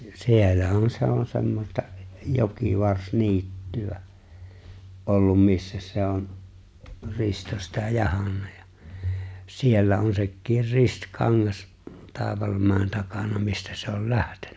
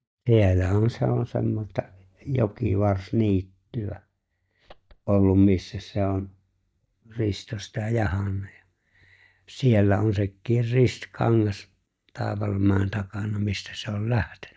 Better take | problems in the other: first | noise reduction (neural mask model DeepFilterNet 3)

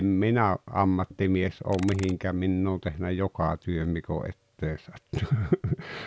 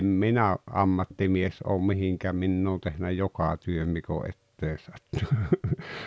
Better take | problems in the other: second | background sound (Computer keyboard); 20 dB below the speech

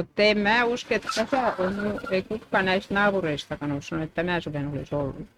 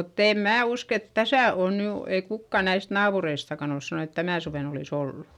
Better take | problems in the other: second | noise reduction (neural mask model RNNoise)

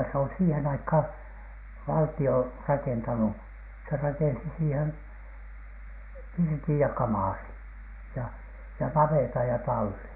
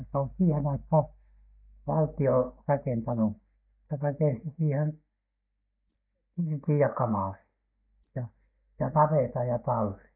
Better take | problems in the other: first | noise reduction (neural mask model DeepFilterNet 3)

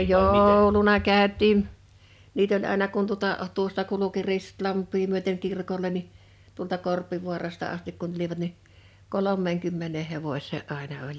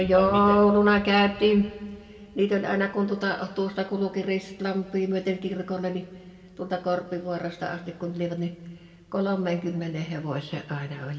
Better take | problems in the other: first | room echo; dies away in 1.7 s

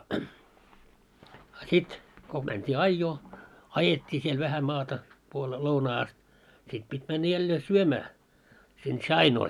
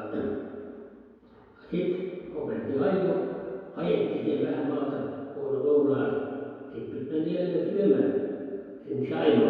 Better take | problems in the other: first | room echo; dies away in 2.2 s

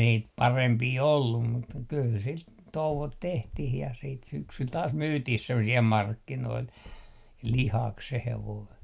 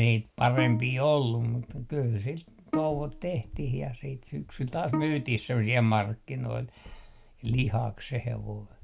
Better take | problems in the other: first | background sound (Bowed string instrument); 9 dB below the speech

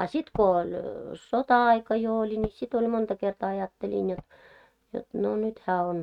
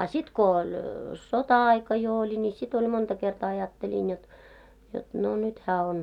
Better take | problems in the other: second | noise reduction (neural mask model RNNoise)

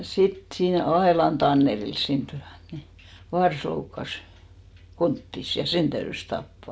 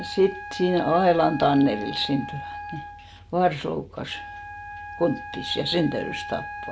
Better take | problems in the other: first | background sound (Wind instrument, woodwind instrument); 12 dB below the speech

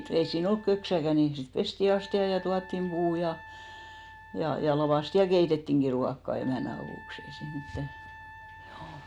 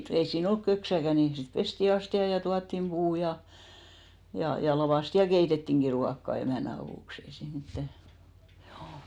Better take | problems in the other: second | background sound (Wind instrument, woodwind instrument); 19 dB below the speech

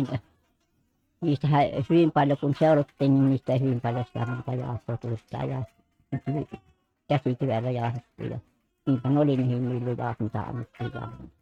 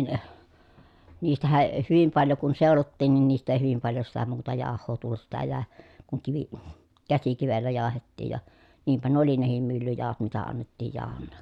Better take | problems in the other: second | noise reduction (neural mask model RNNoise)

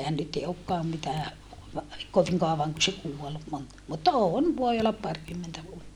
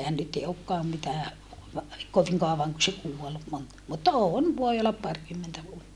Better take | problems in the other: second | background sound (Raindrop / Drip); 19 dB below the speech

